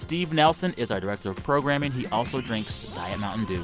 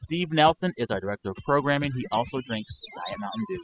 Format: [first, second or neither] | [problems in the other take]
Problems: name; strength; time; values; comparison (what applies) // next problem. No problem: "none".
first | noise reduction (classical method spectral subtraction)